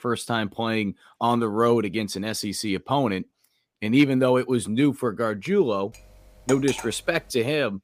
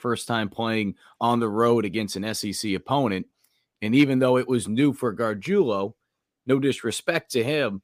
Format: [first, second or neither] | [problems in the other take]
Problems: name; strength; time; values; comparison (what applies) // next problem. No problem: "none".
second | clattering dishes; noticeable; at 6 s; peak 9 dB below the speech